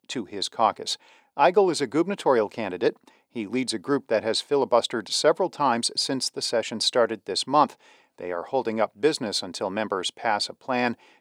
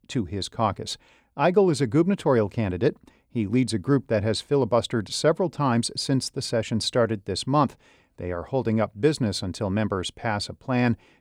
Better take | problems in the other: second | thin; somewhat; fading below 350 Hz

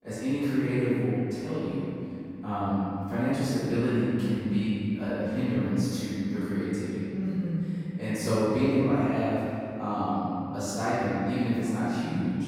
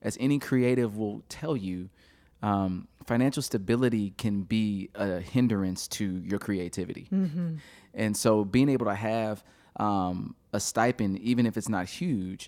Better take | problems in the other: second | off-mic speech; far // room echo; strong; dies away in 2.5 s

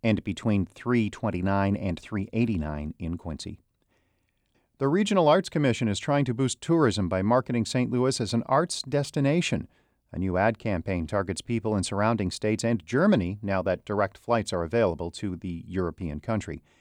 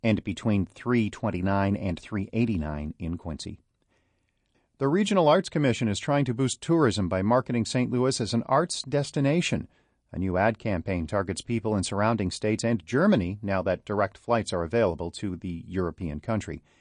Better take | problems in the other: first | garbled, watery; slightly; nothing above 9.5 kHz

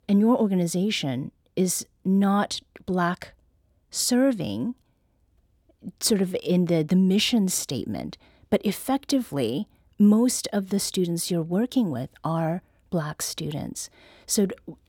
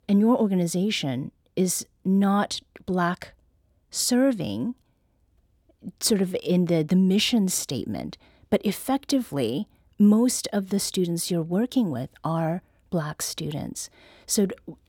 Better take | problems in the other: neither | none

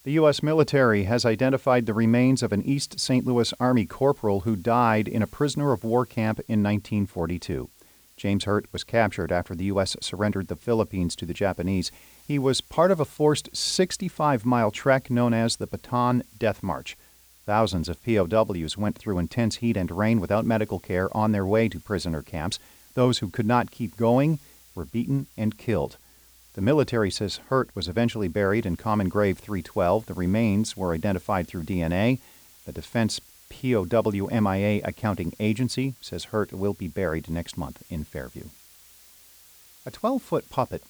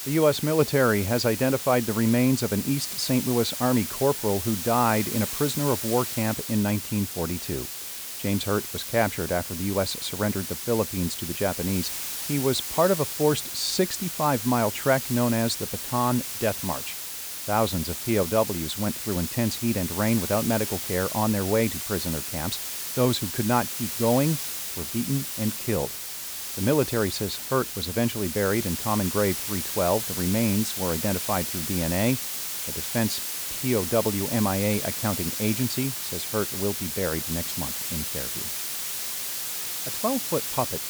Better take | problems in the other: first | hiss; loud; throughout; 3 dB below the speech; faint in the first

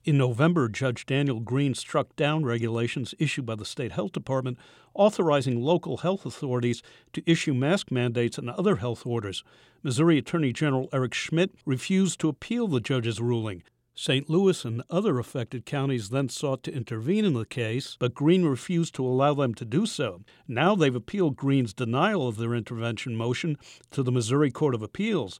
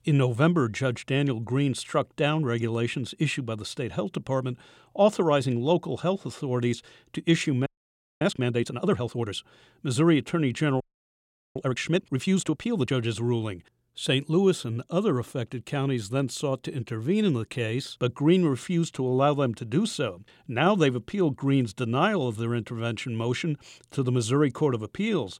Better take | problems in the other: first | audio freezing; at 7.5 s for 0.5 s and at 11 s for 1 s

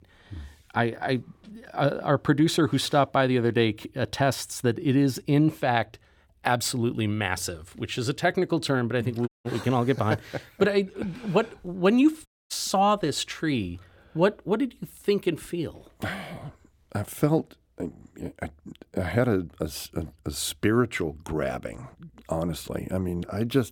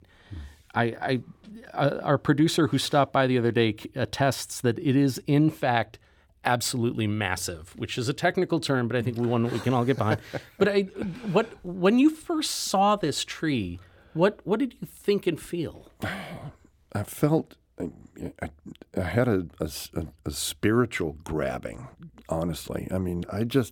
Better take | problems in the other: second | audio cutting out; at 9.5 s and at 12 s

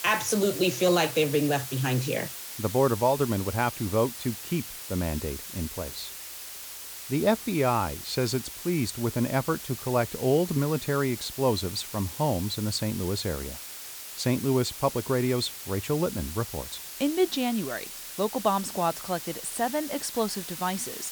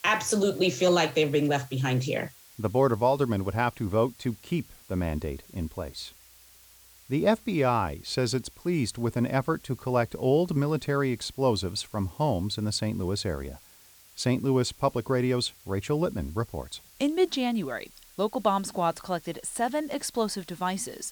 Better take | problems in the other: second | hiss; loud; throughout; 9 dB below the speech; faint in the second

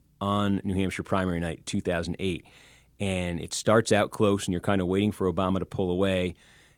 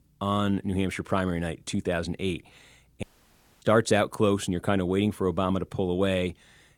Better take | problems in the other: first | audio cutting out; at 3 s for 0.5 s

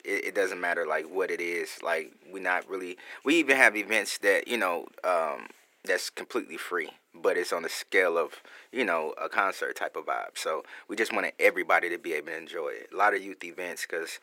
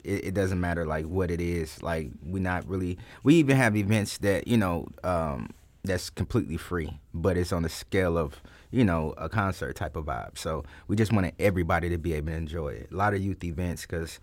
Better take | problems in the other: second | thin; very; fading below 350 Hz

